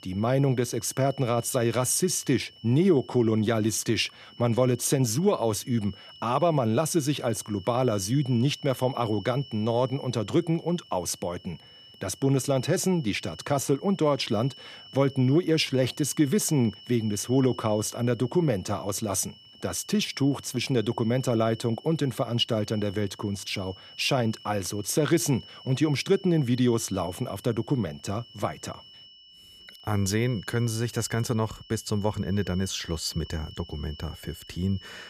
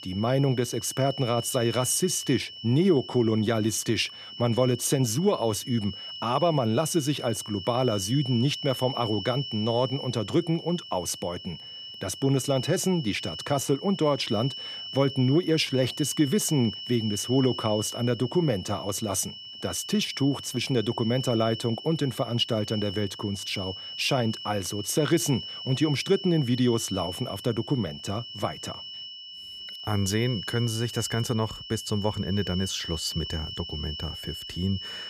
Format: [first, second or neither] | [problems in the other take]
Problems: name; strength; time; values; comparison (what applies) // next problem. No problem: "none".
first | high-pitched whine; loud; throughout; 3 kHz, 10 dB below the speech; faint in the first